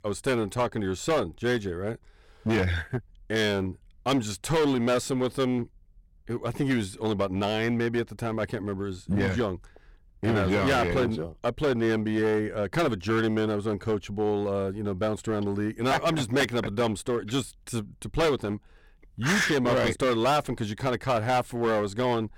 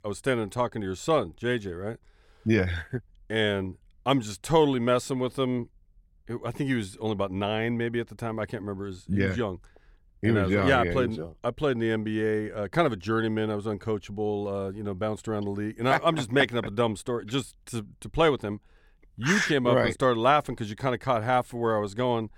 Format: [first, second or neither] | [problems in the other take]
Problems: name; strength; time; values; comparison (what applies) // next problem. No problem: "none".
second | distortion; heavy; 10% of the sound clipped